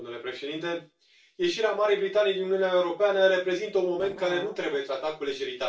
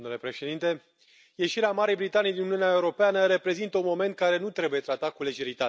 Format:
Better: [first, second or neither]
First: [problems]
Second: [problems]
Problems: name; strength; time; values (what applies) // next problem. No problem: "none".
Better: second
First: noise reduction (neural separator model SepFormer DNS4)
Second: none